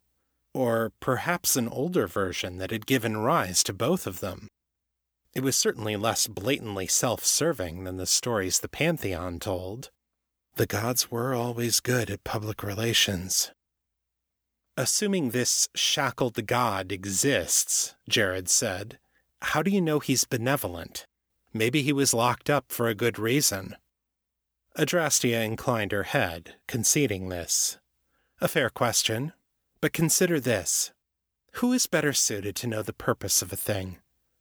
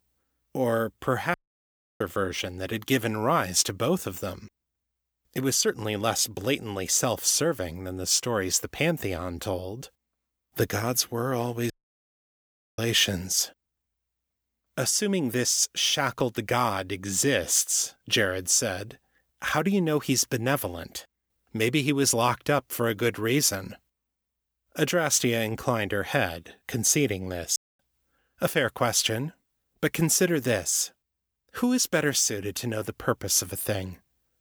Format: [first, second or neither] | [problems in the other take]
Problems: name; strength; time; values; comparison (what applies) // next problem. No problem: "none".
first | audio cutting out; at 1.5 s for 0.5 s, at 12 s for 1 s and at 28 s